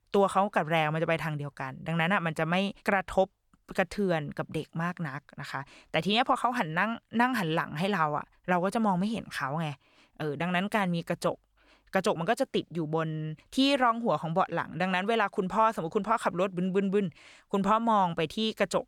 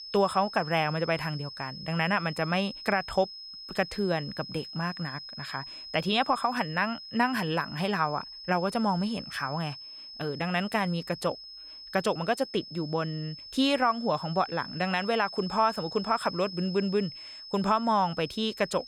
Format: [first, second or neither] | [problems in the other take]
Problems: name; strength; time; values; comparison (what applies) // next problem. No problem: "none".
first | high-pitched whine; noticeable; throughout; 5 kHz, 10 dB below the speech